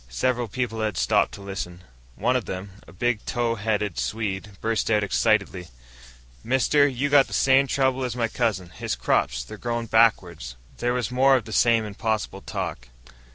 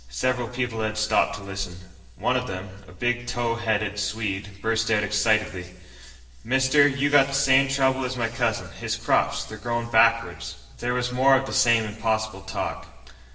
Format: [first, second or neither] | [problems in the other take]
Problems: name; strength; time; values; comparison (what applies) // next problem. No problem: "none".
first | room echo; dies away in 1 s